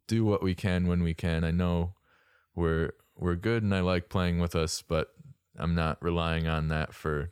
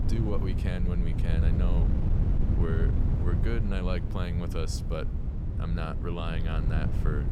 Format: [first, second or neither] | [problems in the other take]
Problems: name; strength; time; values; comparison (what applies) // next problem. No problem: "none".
first | wind noise on the microphone; heavy; 4 dB below the speech